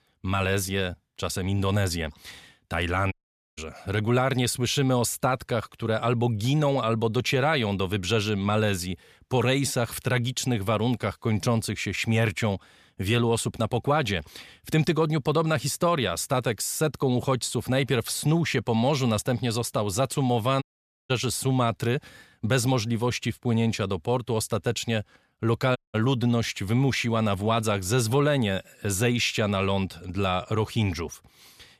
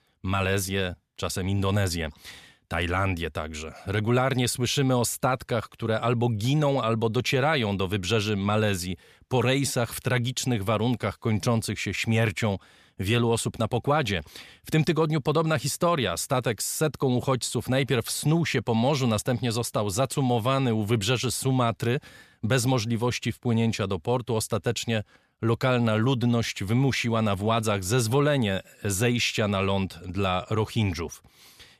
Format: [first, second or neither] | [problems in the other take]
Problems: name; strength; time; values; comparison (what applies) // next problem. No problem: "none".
second | audio cutting out; at 3 s, at 21 s and at 26 s